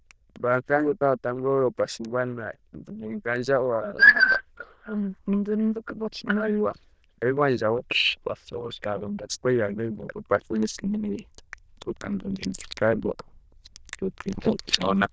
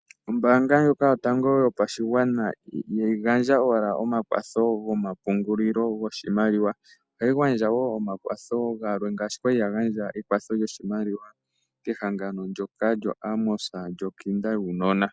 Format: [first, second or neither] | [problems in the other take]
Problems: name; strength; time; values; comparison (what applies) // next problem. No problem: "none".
second | noise reduction (neural diffusion model UNIVERSE++)